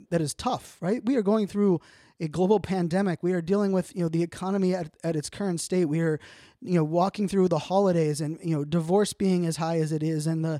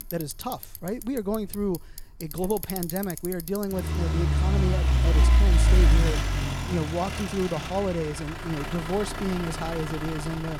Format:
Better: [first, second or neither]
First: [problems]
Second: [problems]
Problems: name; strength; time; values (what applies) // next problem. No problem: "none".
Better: first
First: none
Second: traffic noise; very loud; throughout; 4 dB above the speech